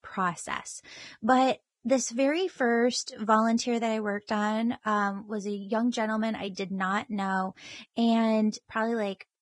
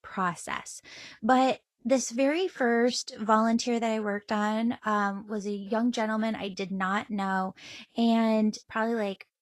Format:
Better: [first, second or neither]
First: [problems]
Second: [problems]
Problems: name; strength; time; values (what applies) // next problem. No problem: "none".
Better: second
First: garbled, watery; badly; nothing above 10.5 kHz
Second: garbled, watery; slightly; nothing above 12 kHz